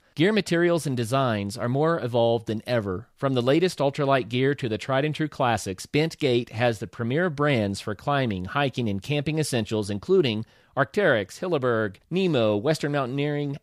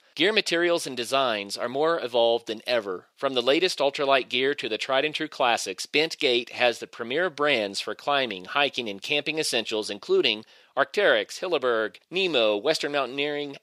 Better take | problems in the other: first | thin; somewhat; fading below 450 Hz

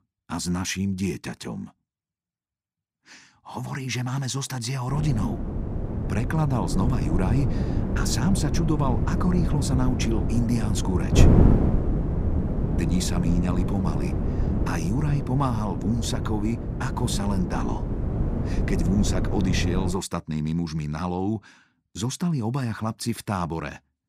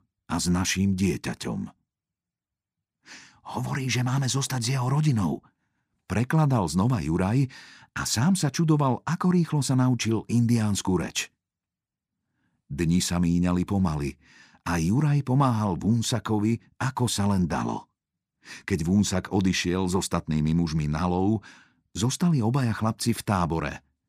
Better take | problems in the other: second | wind noise on the microphone; heavy; from 5 to 20 s; 3 dB below the speech

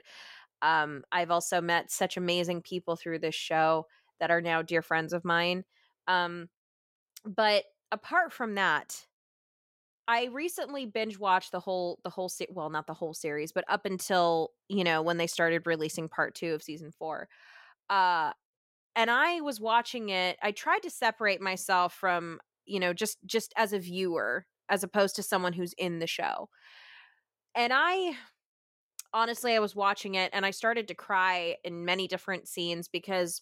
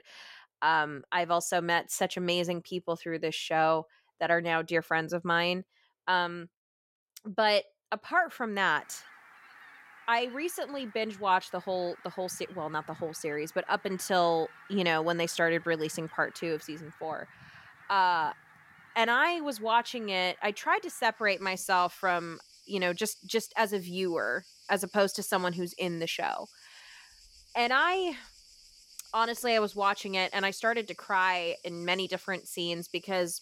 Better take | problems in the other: first | animal sounds; faint; from 8.5 s on; 25 dB below the speech

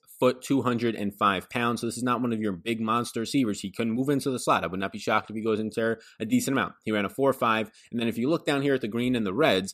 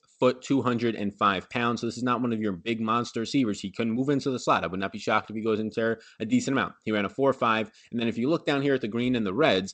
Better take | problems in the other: first | garbled, watery; slightly; nothing above 8 kHz

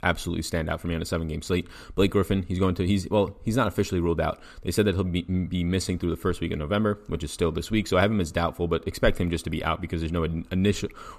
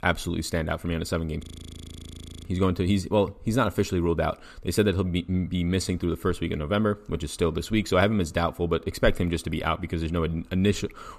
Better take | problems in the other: first | audio freezing; at 1.5 s for 1 s

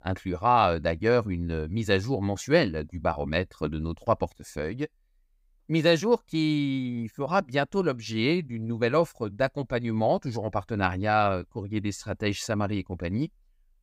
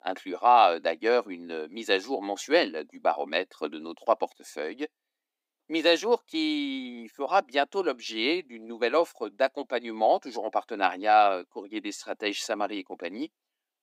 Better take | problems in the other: first | thin; somewhat; fading below 250 Hz

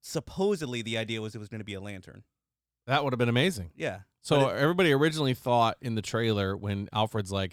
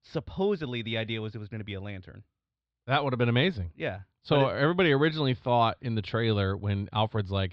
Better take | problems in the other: first | muffled; very slightly; fading above 4 kHz

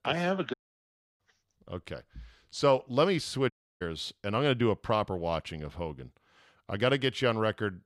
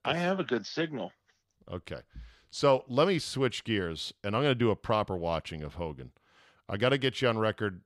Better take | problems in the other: second | audio cutting out; at 0.5 s for 0.5 s and at 3.5 s

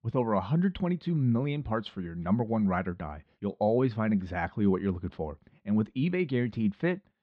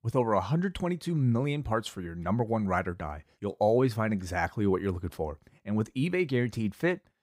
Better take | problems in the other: second | muffled; slightly; fading above 3.5 kHz

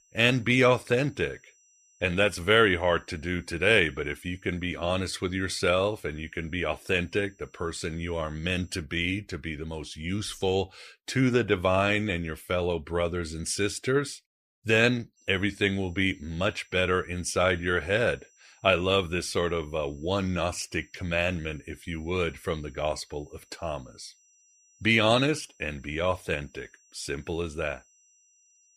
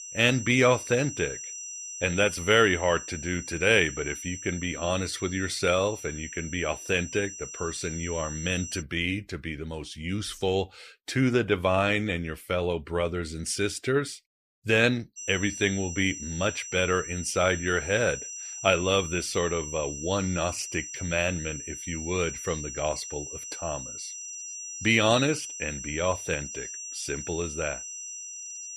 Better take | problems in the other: first | high-pitched whine; loud; until 9 s and from 15 s on; 6 kHz, 9 dB below the speech; faint in the first

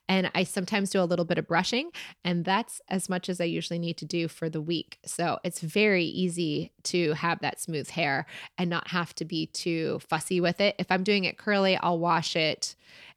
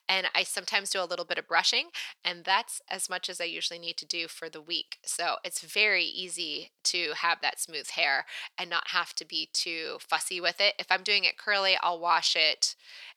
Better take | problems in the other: first | thin; very; fading below 850 Hz

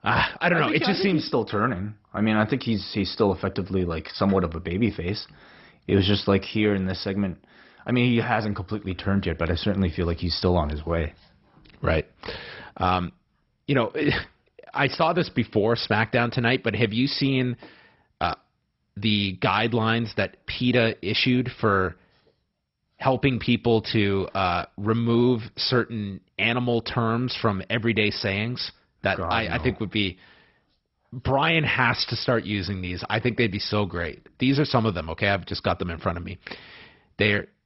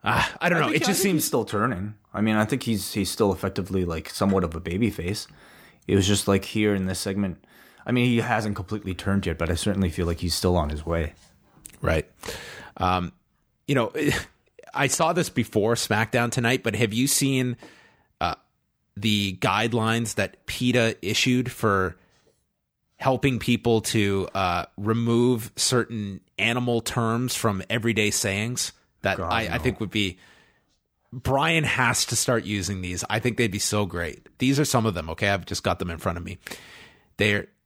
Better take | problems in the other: second | garbled, watery; badly; nothing above 5.5 kHz

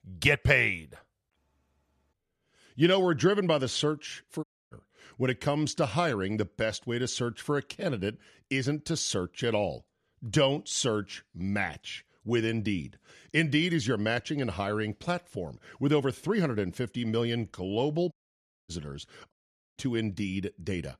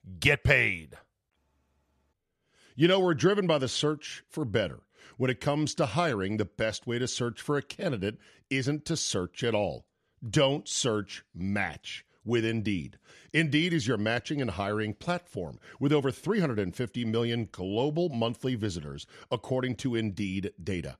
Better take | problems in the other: second | audio cutting out; at 4.5 s, at 18 s for 0.5 s and at 19 s

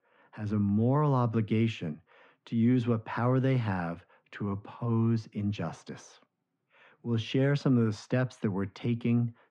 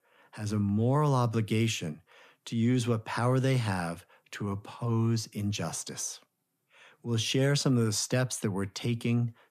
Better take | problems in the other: second | muffled; very; fading above 2.5 kHz

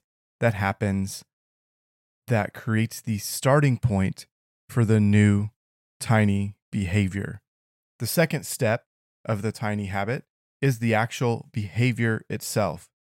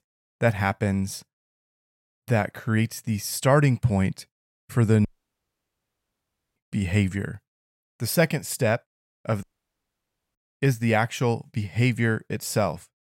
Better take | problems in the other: first | audio cutting out; at 5 s for 1.5 s and at 9.5 s for 1 s

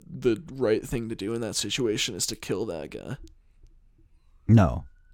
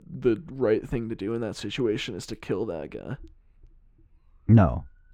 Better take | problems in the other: first | muffled; slightly; fading above 3.5 kHz

